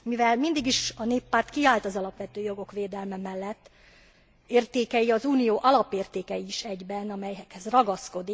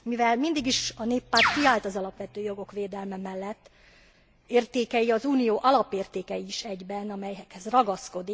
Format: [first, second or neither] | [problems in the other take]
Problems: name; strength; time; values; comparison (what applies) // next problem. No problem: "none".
first | background sound (Bird); 3 dB above the speech